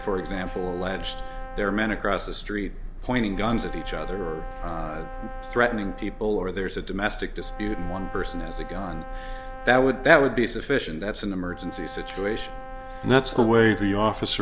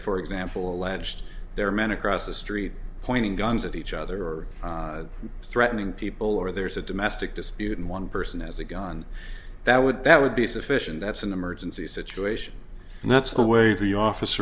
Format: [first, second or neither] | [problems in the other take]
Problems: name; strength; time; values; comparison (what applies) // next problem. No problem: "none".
second | background sound (Brass instrument); 15 dB below the speech